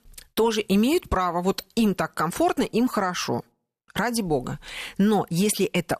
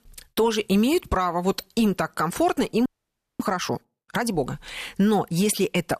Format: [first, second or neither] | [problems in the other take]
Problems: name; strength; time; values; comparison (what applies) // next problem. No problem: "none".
first | audio freezing; at 3 s for 0.5 s